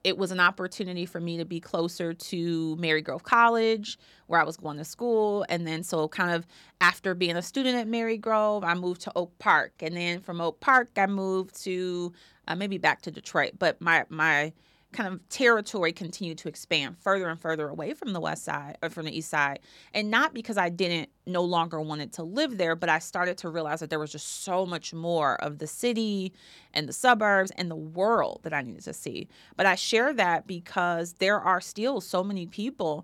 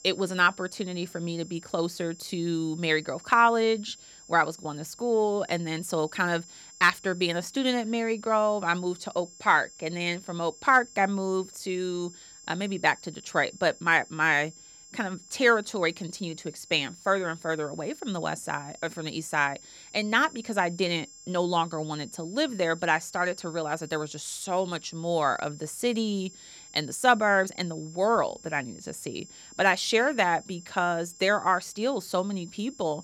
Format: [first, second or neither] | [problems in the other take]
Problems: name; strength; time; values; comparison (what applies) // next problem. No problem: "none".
first | high-pitched whine; noticeable; throughout; 7.5 kHz, 20 dB below the speech